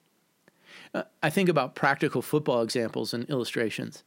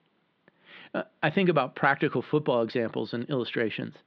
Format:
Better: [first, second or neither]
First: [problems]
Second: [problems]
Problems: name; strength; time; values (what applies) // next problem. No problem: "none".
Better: first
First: none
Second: muffled; slightly; fading above 3.5 kHz